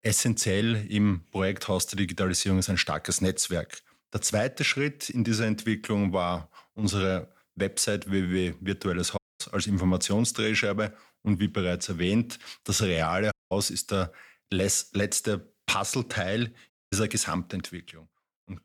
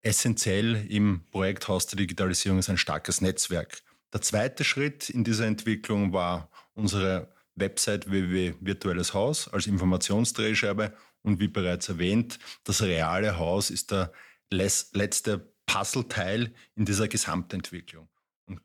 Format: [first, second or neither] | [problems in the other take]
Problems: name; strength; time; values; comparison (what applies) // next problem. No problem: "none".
second | audio cutting out; at 9 s, at 13 s and at 17 s